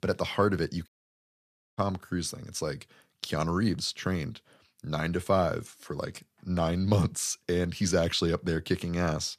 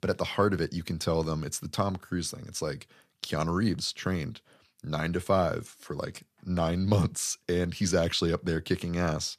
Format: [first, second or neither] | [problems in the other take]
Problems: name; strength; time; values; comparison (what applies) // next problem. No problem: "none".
second | audio cutting out; at 1 s for 1 s